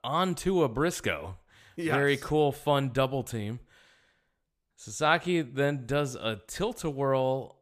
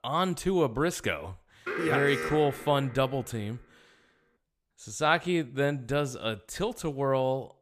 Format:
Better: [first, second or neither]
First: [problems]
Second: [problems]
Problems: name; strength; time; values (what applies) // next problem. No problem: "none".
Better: first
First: none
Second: alarm; noticeable; from 1.5 to 3 s; peak 3 dB below the speech